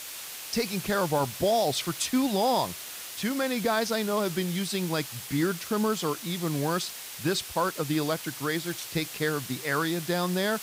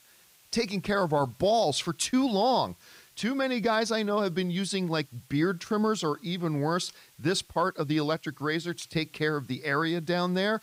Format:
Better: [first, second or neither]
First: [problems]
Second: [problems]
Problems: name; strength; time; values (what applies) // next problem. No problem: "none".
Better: second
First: hiss; loud; throughout; 9 dB below the speech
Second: hiss; faint; throughout; 30 dB below the speech